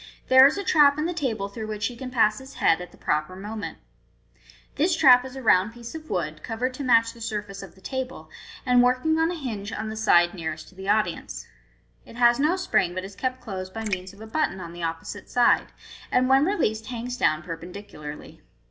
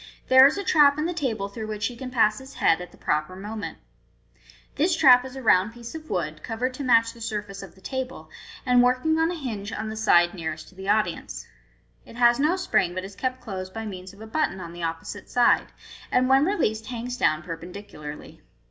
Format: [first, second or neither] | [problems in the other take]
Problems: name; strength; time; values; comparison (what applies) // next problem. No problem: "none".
second | background sound (Raindrop); 10 dB below the speech